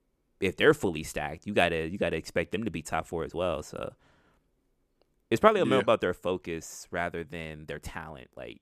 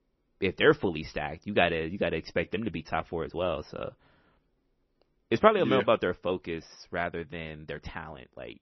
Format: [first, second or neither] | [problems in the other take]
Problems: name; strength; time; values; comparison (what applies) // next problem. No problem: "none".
first | garbled, watery; slightly; nothing above 6 kHz